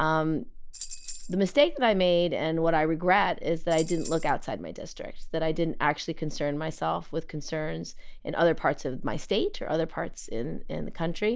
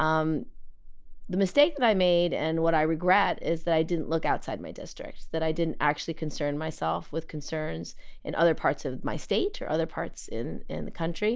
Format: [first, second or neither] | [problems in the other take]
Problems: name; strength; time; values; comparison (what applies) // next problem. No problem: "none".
second | background sound (Tambourine); 15 dB below the speech